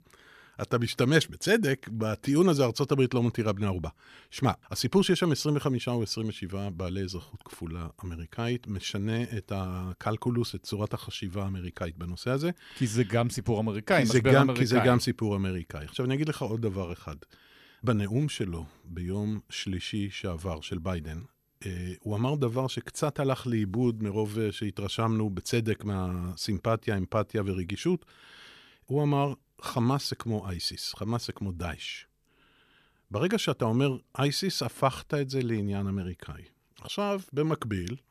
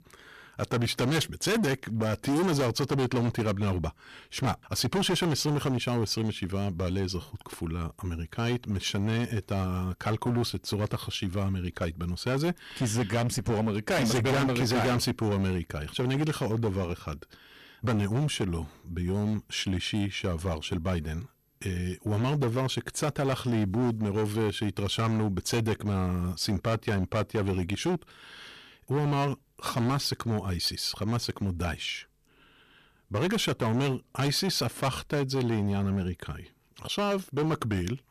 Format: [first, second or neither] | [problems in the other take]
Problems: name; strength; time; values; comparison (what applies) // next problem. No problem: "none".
first | distortion; heavy; 15% of the sound clipped